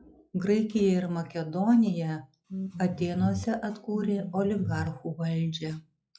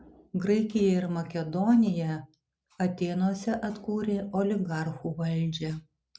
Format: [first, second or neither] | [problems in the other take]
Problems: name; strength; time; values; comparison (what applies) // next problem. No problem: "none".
second | noise reduction (classical method log-MMSE)